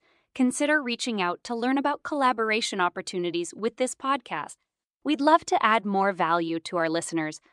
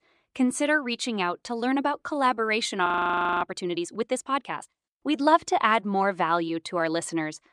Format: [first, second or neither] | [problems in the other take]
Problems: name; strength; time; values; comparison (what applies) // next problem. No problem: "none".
first | audio freezing; at 3 s for 0.5 s